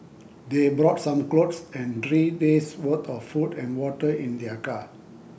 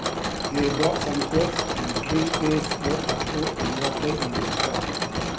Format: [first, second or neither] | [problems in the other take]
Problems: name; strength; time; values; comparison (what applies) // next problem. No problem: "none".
first | background sound (Mechanisms); 1 dB above the speech